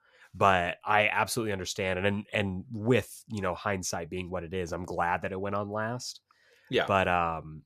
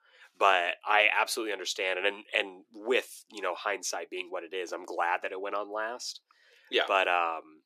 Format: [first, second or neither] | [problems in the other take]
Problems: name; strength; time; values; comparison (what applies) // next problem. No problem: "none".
first | thin; very; fading below 300 Hz